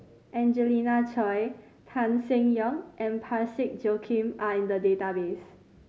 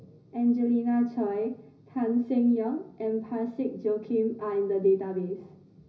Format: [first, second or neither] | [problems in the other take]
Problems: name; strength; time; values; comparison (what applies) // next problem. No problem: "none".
first | room echo; dies away in 0.5 s